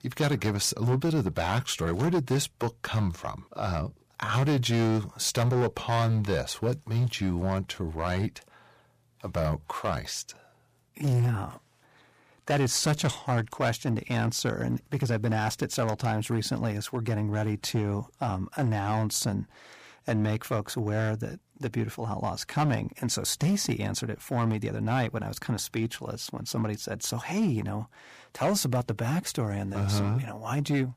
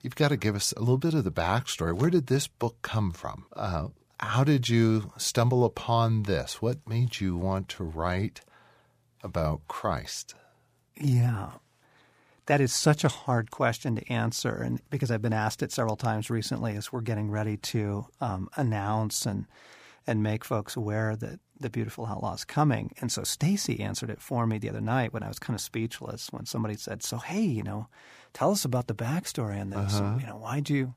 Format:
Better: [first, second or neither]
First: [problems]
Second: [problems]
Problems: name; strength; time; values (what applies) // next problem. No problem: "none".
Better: second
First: distortion; slight; 7% of the sound clipped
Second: none